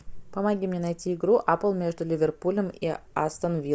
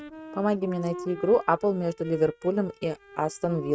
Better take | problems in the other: first | noise reduction (neural mask model RNNoise)

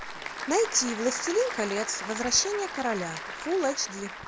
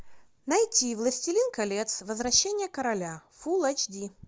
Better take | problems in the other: second | background sound (Applause / Crowd); 8 dB below the speech

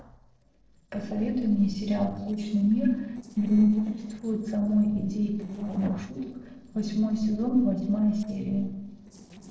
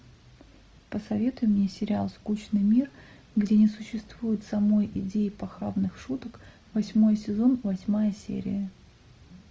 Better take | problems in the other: second | noise reduction (neural separator model SepFormer DNS4)

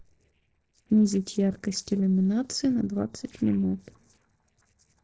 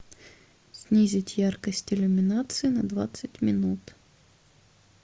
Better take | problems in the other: second | noise reduction (neural separator model SepFormer DNS4)

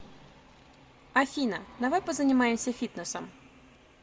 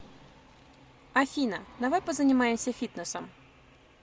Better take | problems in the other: second | room echo; dies away in 1 s

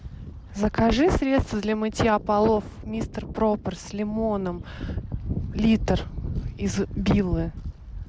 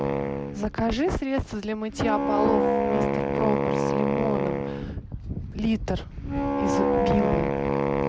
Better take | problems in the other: first | background sound (Wind instrument, woodwind instrument); 3 dB above the speech

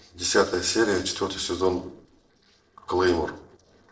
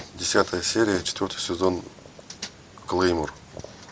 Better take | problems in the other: second | noise reduction (neural separator model SepFormer DNS4)

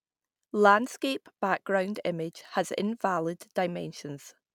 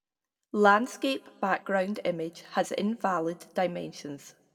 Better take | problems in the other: first | room echo; dies away in 0.5 s

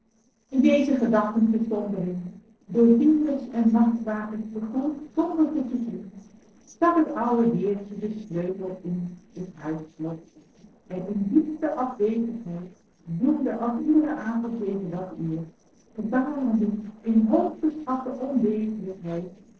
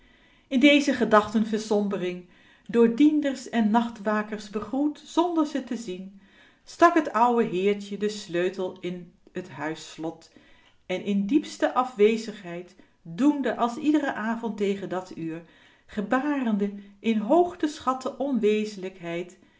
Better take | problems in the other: second | noise reduction (neural separator model SepFormer DNS4)

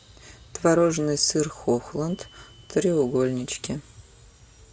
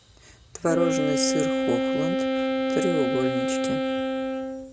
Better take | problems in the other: first | background sound (Wind instrument, woodwind instrument); 4 dB above the speech

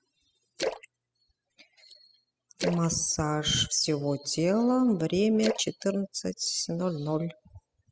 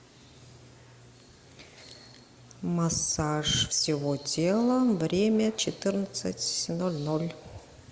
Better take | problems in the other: second | noise reduction (classical method spectral subtraction)

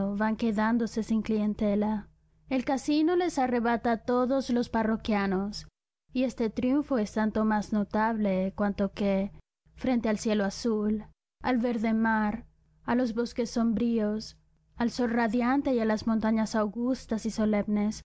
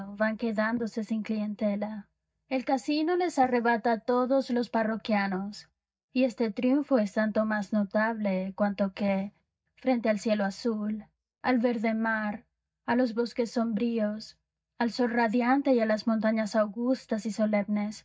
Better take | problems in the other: first | noise reduction (neural mask model DeepFilterNet 3)

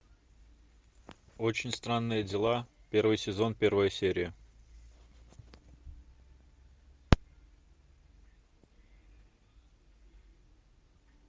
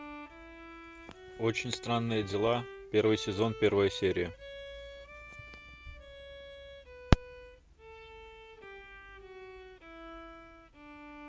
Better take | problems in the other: first | background sound (Bowed string instrument); 14 dB below the speech

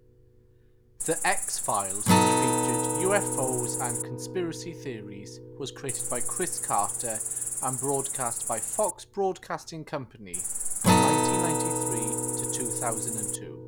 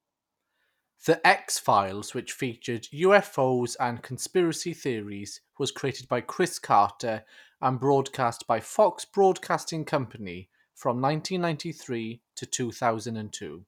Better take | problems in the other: second | background sound (Acoustic guitar + Cricket); 5 dB above the speech

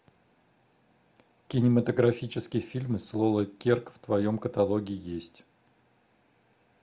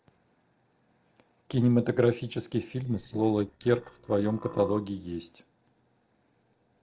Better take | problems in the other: first | noise reduction (neural separator model SepFormer DNS4)

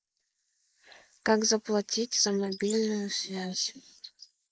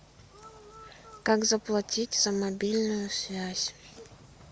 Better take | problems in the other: second | noise reduction (neural mask model Resemble Enhance denoiser)

